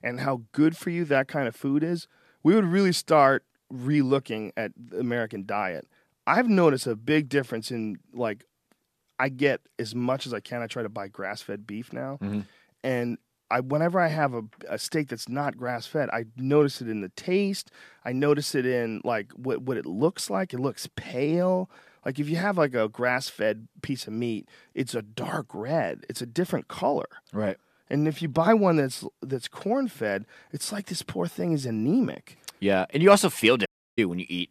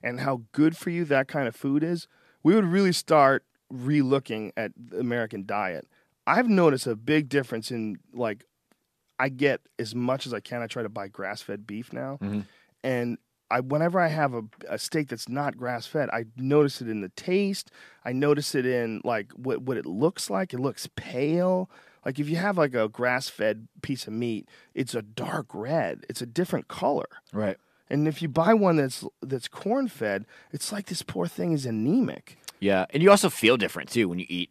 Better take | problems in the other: second | audio cutting out; at 34 s

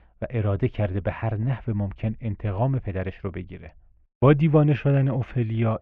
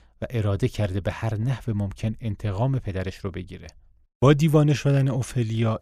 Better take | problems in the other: second | muffled; very; fading above 2.5 kHz

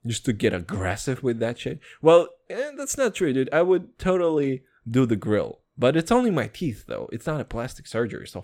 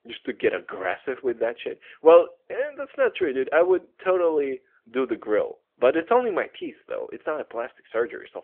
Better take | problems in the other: first | phone-call audio; nothing above 3.5 kHz

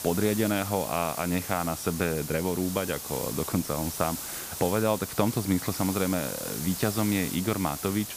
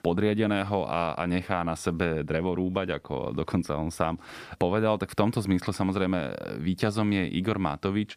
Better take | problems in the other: second | hiss; loud; throughout; 6 dB below the speech

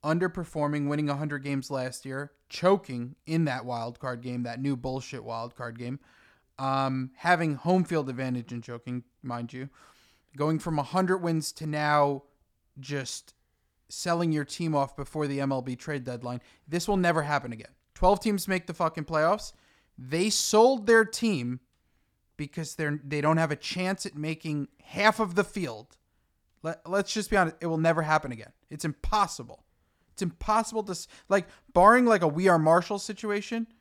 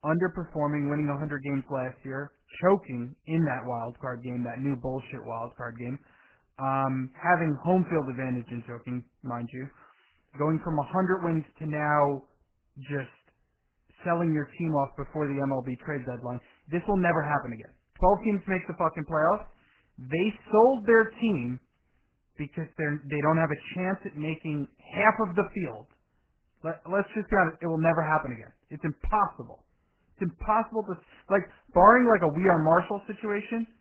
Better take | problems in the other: first | garbled, watery; badly

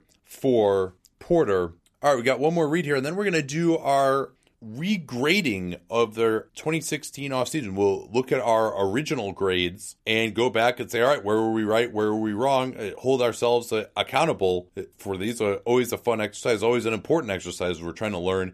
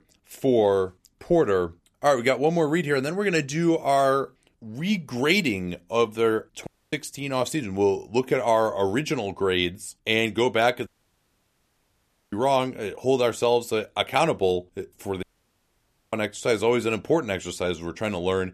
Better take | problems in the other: first | audio cutting out; at 6.5 s, at 11 s for 1.5 s and at 15 s for 1 s

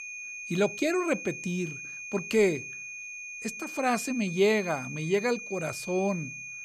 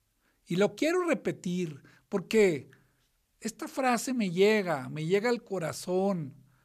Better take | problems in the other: second | high-pitched whine; loud; throughout; 2.5 kHz, 9 dB below the speech

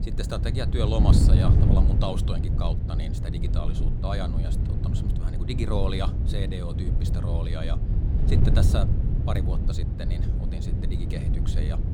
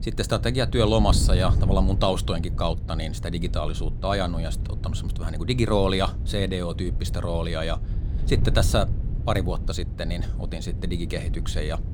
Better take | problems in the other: second | wind noise on the microphone; heavy; 2 dB below the speech; occasional gusts in the second

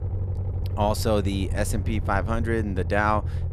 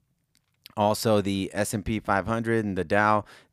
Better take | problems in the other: second | low rumble; noticeable; throughout; 15 dB below the speech

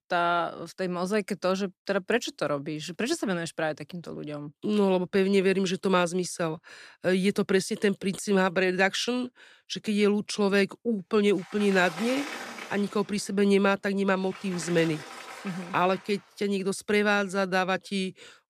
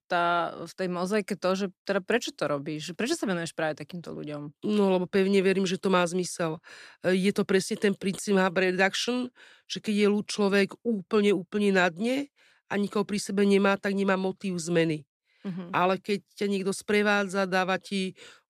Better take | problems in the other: second | door banging; noticeable; from 11 to 16 s; peak 8 dB below the speech

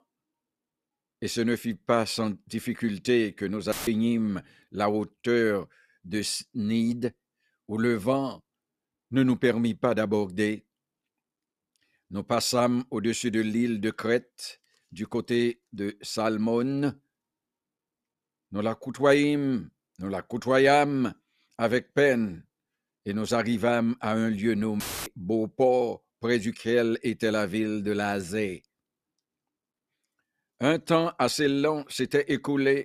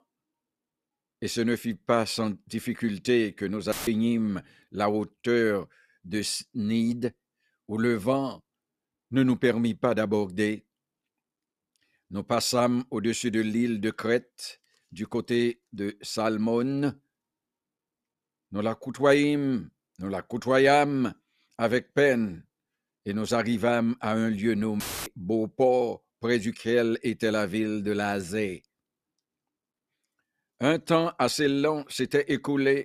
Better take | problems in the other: neither | audio cutting out; filled with static; at 3.5 s and at 25 s; the same in both

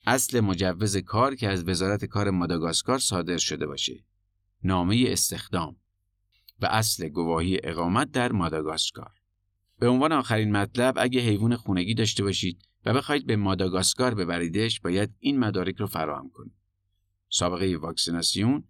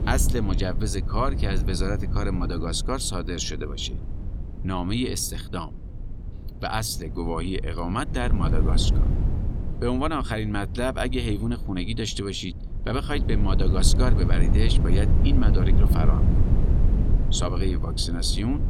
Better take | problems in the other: first | wind noise on the microphone; heavy; 9 dB below the speech

